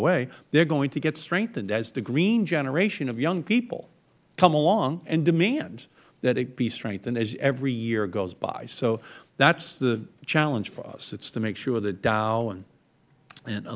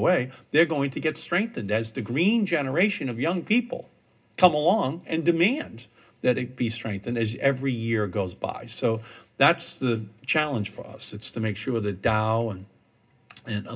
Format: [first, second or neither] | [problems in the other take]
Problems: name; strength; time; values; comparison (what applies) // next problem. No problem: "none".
first | room echo; dies away in 0.2 s